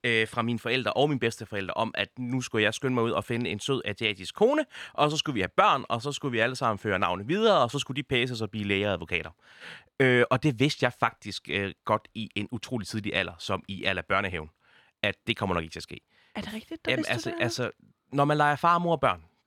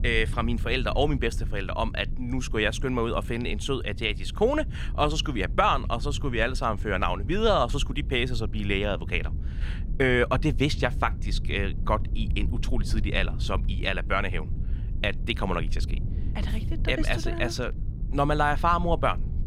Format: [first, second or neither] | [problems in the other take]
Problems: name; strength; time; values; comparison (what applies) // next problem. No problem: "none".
first | low rumble; faint; throughout; 20 dB below the speech